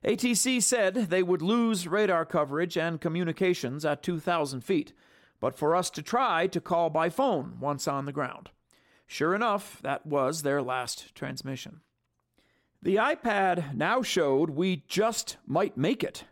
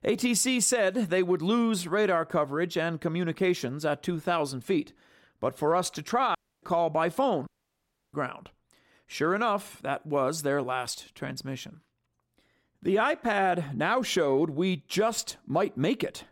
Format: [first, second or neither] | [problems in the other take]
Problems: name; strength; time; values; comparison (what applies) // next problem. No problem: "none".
first | audio cutting out; at 6.5 s and at 7.5 s for 0.5 s